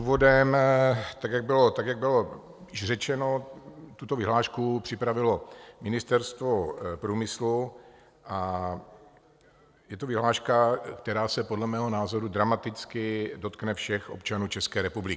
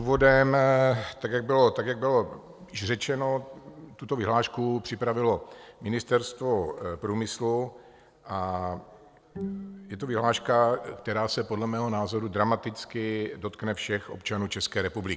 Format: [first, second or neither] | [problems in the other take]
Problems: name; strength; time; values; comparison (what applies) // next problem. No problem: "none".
first | background sound (Bowed string instrument); 14 dB below the speech